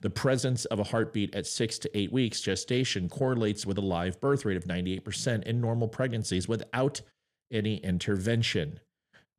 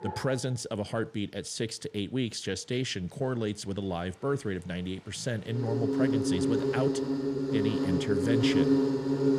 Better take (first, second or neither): first